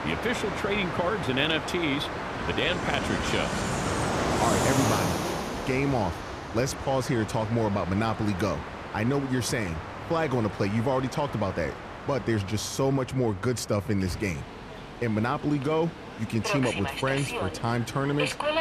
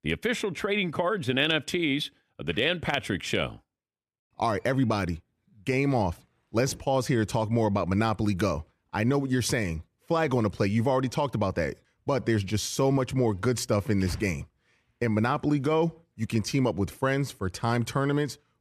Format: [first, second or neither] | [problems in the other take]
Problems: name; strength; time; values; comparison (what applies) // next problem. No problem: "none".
second | train or aircraft noise; loud; throughout; 4 dB below the speech